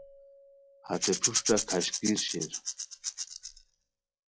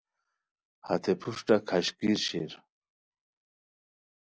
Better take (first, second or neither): second